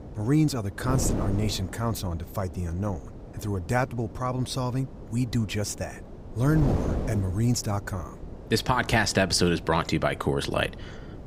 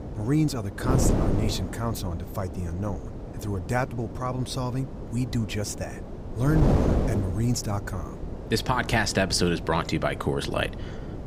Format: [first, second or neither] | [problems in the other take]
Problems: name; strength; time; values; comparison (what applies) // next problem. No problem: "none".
first | wind noise on the microphone; heavy; 7 dB below the speech; occasional gusts in the first